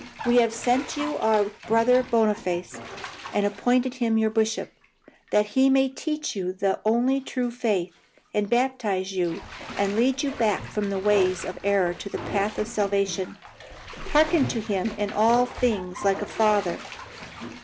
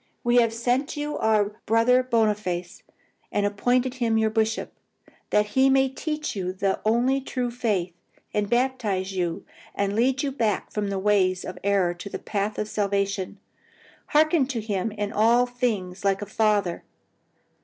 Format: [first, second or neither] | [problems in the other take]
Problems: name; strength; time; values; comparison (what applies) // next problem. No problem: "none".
second | background sound (Bathtub (filling or washing)); 14 dB below the speech